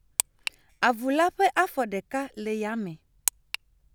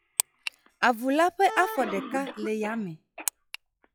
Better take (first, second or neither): first